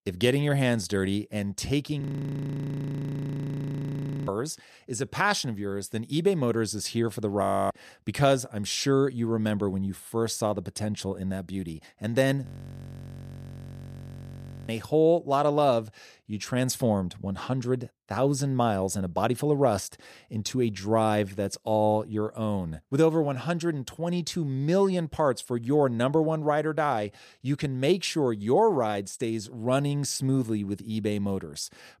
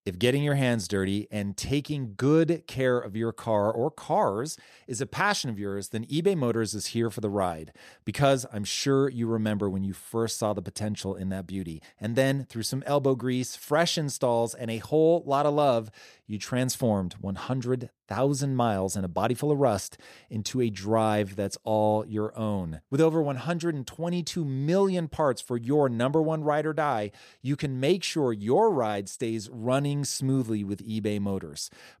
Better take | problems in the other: second | audio freezing; at 2 s for 2.5 s, at 7.5 s and at 12 s for 2 s

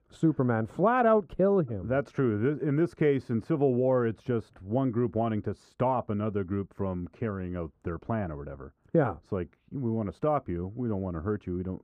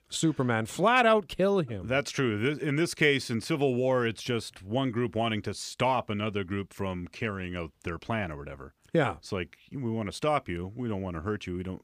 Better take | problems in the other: second | muffled; very; fading above 1.5 kHz

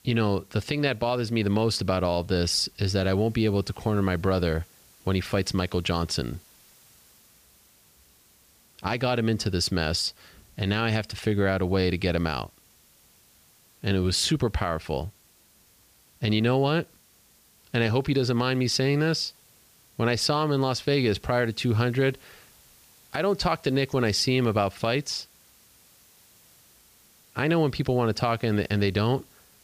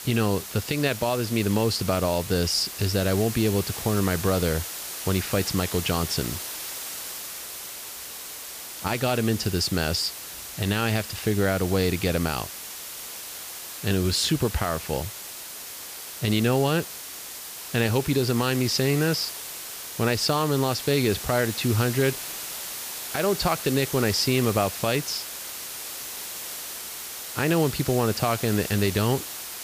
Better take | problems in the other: first | hiss; loud; throughout; 8 dB below the speech; faint in the first

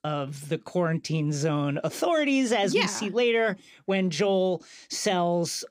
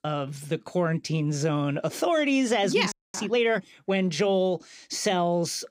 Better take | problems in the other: first | audio freezing; at 3 s

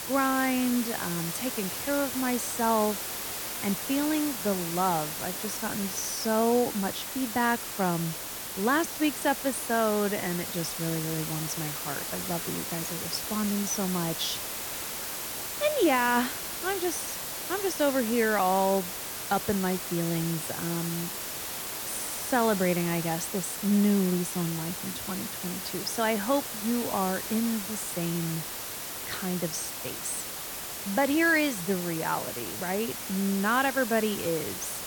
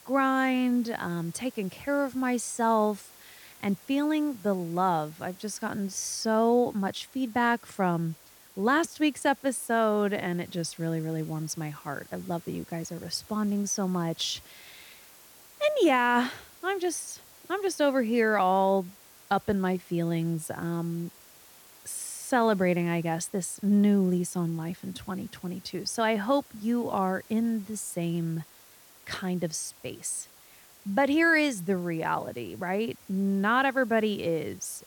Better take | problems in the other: second | hiss; loud; throughout; 4 dB below the speech; faint in the second

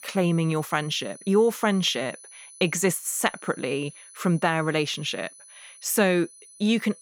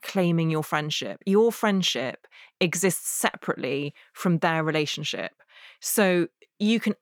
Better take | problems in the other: second | high-pitched whine; noticeable; throughout; 10 kHz, 20 dB below the speech

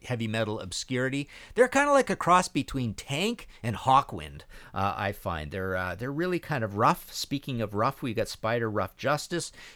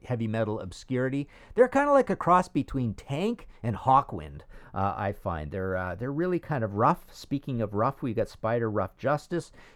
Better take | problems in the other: first | muffled; slightly; fading above 2 kHz

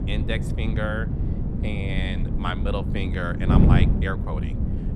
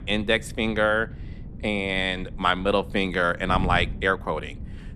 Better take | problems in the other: second | wind noise on the microphone; heavy; 3 dB below the speech; occasional gusts in the second

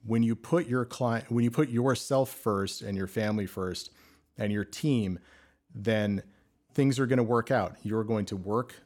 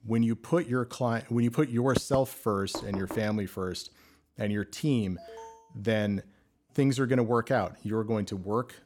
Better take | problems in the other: first | door banging; noticeable; at 2 s; peak 4 dB below the speech // door banging; faint; at 2.5 s; peak 10 dB below the speech // alarm; faint; at 5 s; peak 15 dB below the speech

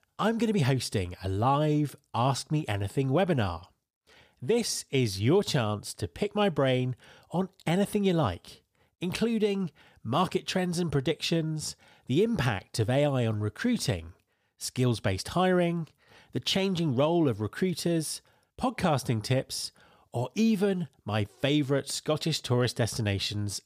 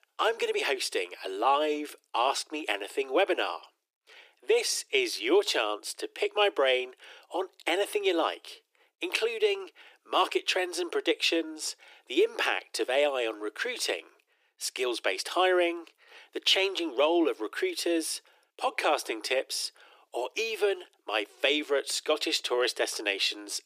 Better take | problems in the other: first | thin; very; fading below 300 Hz

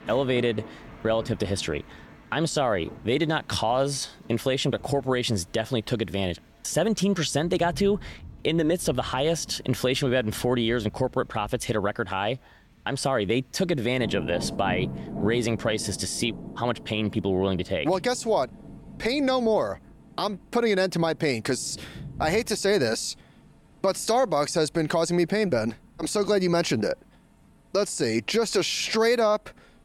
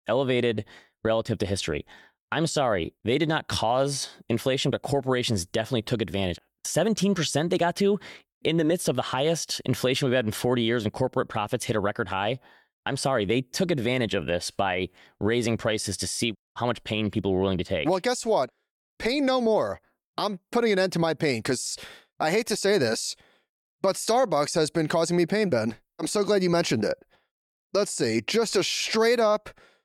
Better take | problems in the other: second | rain or running water; noticeable; throughout; 15 dB below the speech

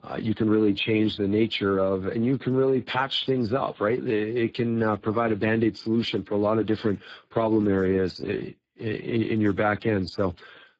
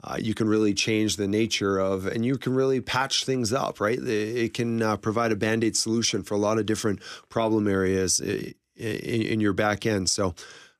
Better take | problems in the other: second | garbled, watery; badly; nothing above 7.5 kHz

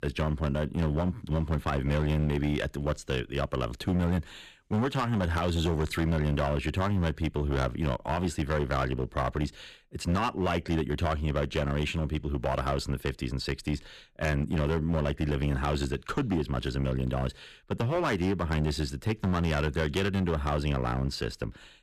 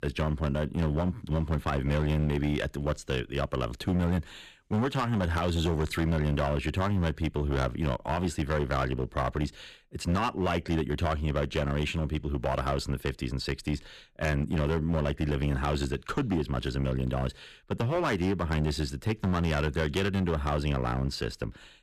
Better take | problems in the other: neither | distortion; slight; 10% of the sound clipped; the same in both

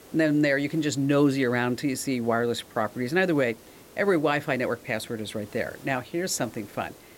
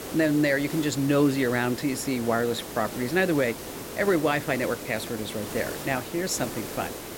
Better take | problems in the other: first | hiss; loud; throughout; 10 dB below the speech; faint in the first

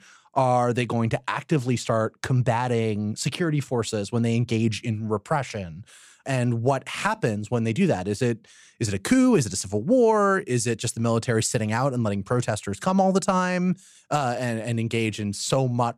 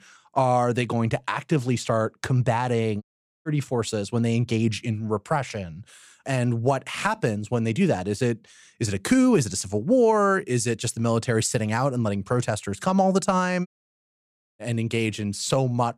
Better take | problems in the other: first | audio cutting out; at 3 s and at 14 s for 1 s

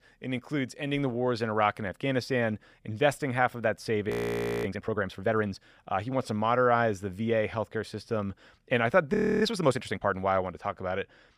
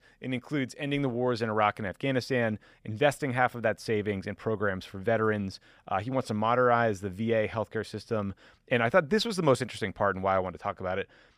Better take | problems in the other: second | audio freezing; at 4 s for 0.5 s and at 9 s

